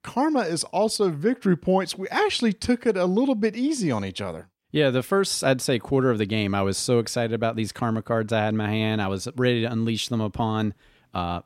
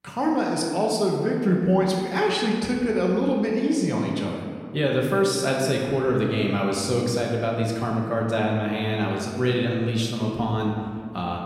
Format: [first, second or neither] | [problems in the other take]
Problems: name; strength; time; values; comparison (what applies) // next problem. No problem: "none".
first | room echo; noticeable; dies away in 1.7 s // off-mic speech; somewhat distant